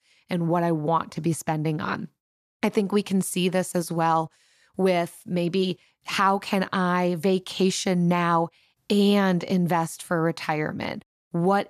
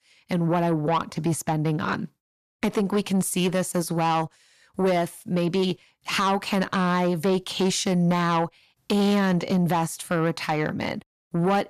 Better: first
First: none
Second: distortion; slight; 10 dB below the speech

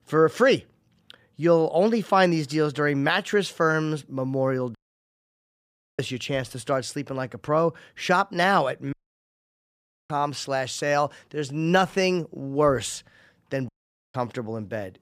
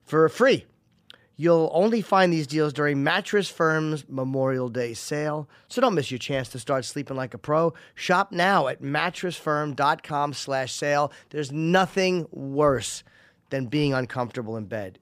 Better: second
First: audio cutting out; at 5 s for 1 s, at 9 s for 1 s and at 14 s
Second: none

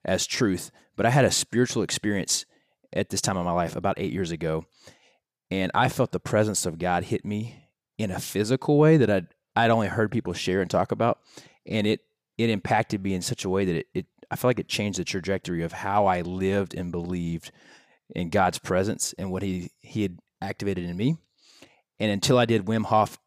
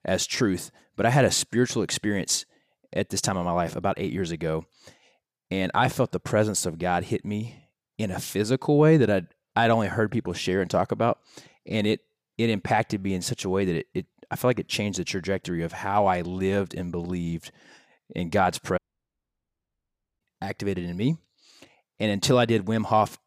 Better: first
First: none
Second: audio cutting out; at 19 s for 1.5 s

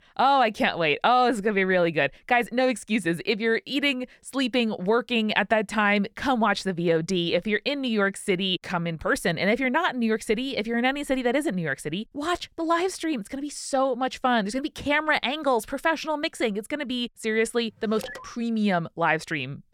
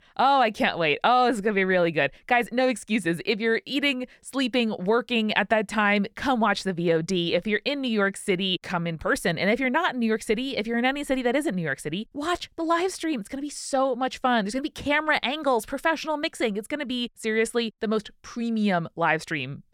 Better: second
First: phone ringing; faint; at 18 s; peak 15 dB below the speech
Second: none

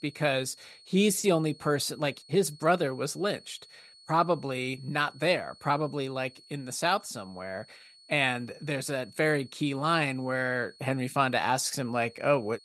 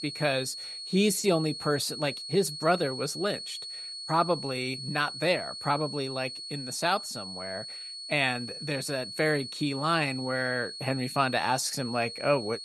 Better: first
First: high-pitched whine; faint; throughout; 4.5 kHz, 25 dB below the speech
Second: high-pitched whine; loud; throughout; 4.5 kHz, 8 dB below the speech

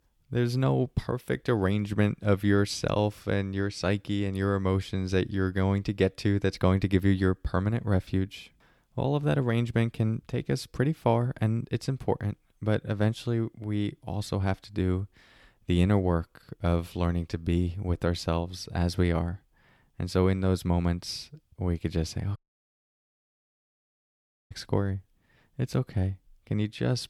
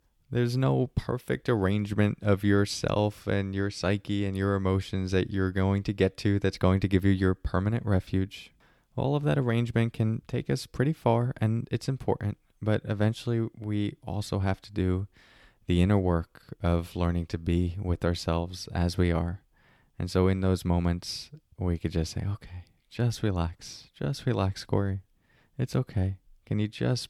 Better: second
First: audio cutting out; at 22 s for 2 s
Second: none

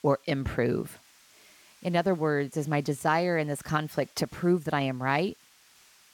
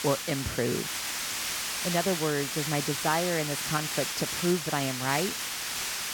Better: first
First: hiss; faint; throughout; 30 dB below the speech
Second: hiss; loud; throughout; as loud as the speech

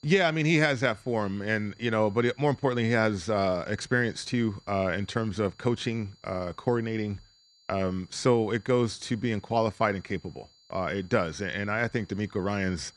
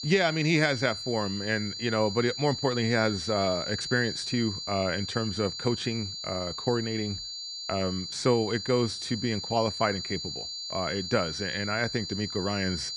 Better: first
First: high-pitched whine; faint; throughout; 4.5 kHz, 30 dB below the speech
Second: high-pitched whine; loud; throughout; 4.5 kHz, 5 dB below the speech

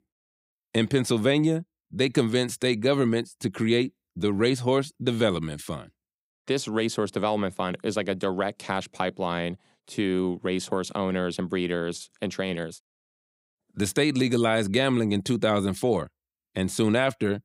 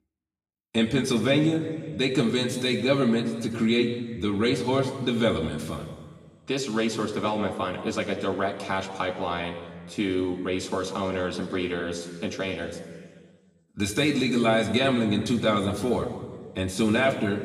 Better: first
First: none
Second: room echo; slight; dies away in 1.4 s // off-mic speech; somewhat distant

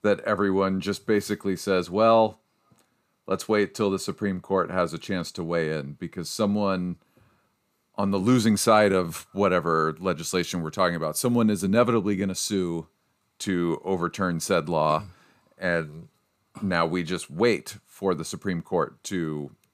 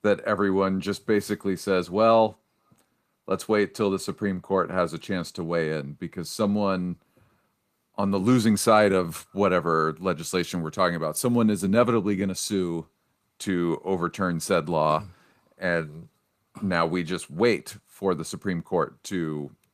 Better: first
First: none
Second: garbled, watery; slightly; nothing above 14.5 kHz

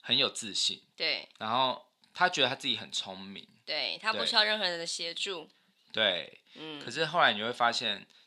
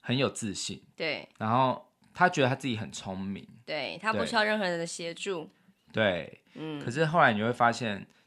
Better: second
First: thin; very slightly; fading below 950 Hz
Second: none

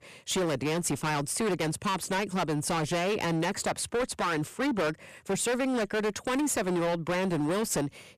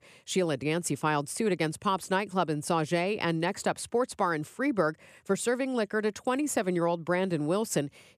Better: second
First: distortion; heavy; 24% of the sound clipped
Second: none

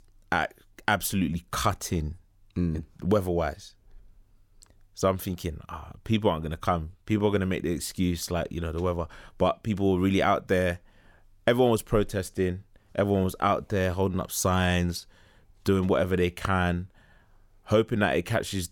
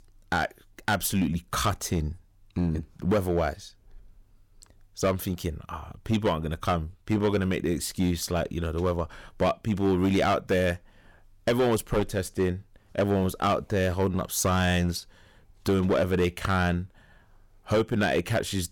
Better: first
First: none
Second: distortion; slight; 5% of the sound clipped

